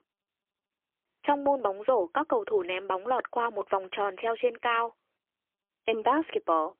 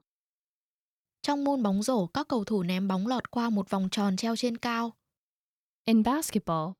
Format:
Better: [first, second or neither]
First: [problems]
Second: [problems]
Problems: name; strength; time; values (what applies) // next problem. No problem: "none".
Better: second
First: phone-call audio; poor line; nothing above 3.5 kHz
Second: none